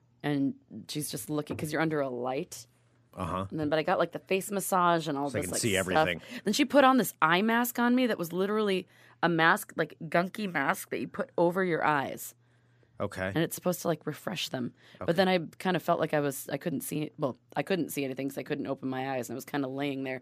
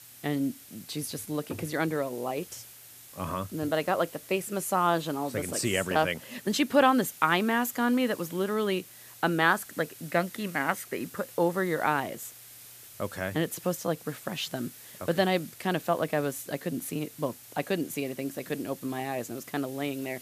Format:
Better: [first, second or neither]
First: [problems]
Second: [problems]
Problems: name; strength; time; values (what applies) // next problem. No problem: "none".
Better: first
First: none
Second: hiss; noticeable; throughout; 15 dB below the speech